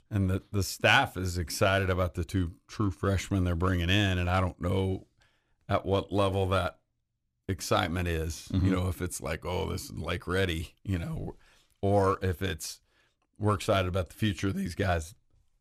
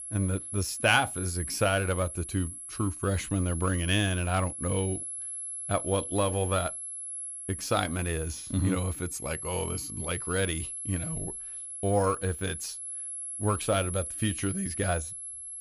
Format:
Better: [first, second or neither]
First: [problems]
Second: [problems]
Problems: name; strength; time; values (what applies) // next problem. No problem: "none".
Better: first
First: none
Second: high-pitched whine; loud; throughout; 11 kHz, 6 dB below the speech